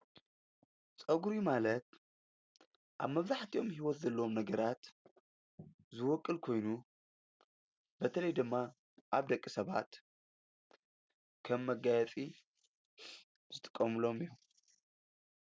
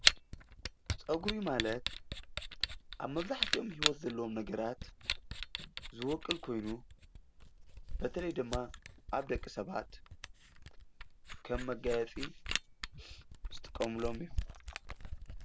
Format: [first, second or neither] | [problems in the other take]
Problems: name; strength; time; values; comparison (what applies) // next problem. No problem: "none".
first | background sound (Camera); 1 dB above the speech